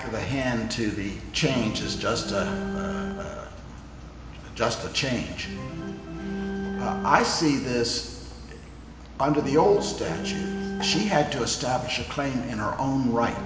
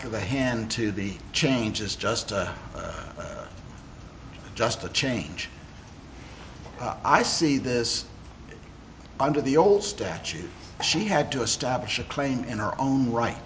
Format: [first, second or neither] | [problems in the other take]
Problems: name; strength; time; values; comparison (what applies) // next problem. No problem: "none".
second | background sound (Organ); 9 dB below the speech // room echo; dies away in 1.7 s